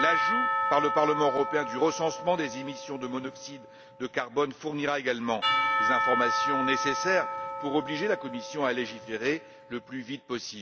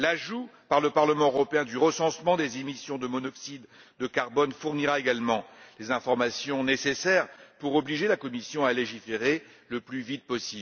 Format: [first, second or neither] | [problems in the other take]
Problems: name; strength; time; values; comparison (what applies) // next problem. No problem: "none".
second | background sound (Church bell / Percussion); 1 dB below the speech